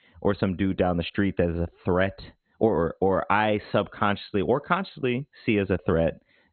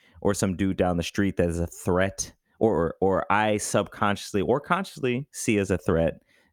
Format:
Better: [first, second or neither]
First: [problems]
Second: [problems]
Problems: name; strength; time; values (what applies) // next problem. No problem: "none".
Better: second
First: garbled, watery; badly; nothing above 4 kHz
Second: none